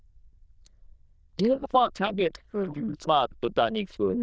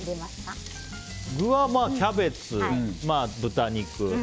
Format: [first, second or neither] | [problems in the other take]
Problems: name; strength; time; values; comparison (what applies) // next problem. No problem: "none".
second | noise reduction (neural diffusion model UNIVERSE++)